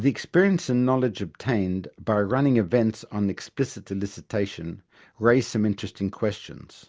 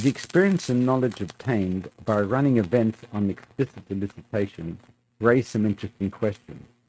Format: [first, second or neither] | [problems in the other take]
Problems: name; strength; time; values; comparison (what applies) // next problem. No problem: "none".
first | noise reduction (neural mask model RNNoise)